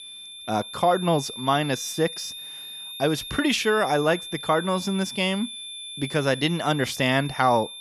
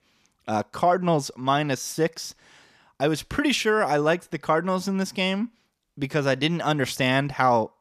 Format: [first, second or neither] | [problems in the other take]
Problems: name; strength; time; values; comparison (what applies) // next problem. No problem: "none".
second | high-pitched whine; noticeable; throughout; 3.5 kHz, 10 dB below the speech